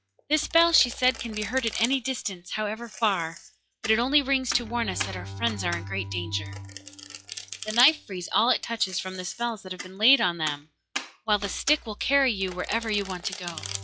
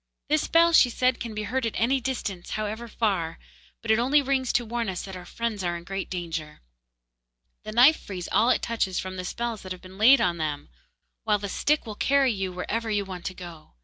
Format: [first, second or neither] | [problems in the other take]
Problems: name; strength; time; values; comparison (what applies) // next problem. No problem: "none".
second | noise reduction (classical method log-MMSE)